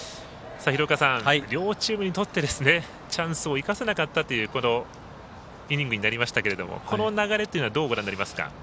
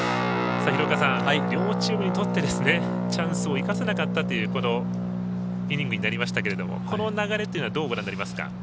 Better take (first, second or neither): first